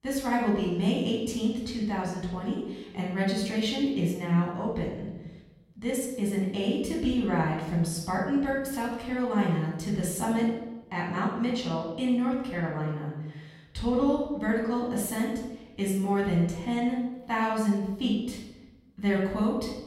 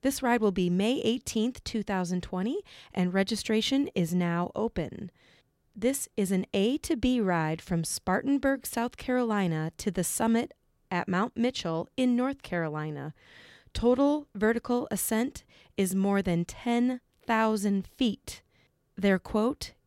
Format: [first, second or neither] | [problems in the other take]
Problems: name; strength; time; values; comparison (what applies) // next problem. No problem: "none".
second | off-mic speech; far // room echo; noticeable; dies away in 1 s